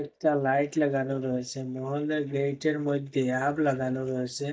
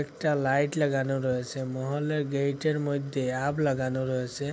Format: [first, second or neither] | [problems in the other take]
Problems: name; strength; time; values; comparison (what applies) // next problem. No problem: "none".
second | noise reduction (neural mask model DeepFilterNet 3)